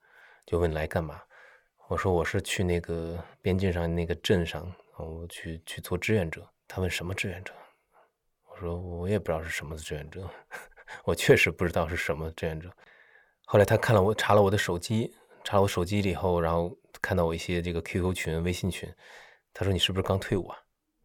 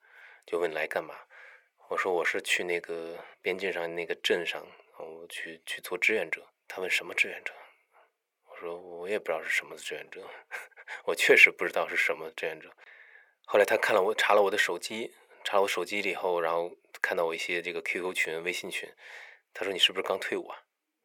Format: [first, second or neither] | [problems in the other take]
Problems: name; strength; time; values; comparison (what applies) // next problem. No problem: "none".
first | thin; very; fading below 350 Hz